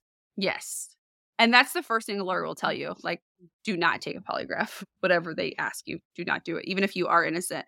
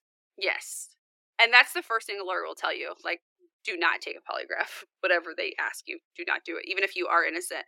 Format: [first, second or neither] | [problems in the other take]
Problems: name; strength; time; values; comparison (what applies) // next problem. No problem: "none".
first | thin; very; fading below 350 Hz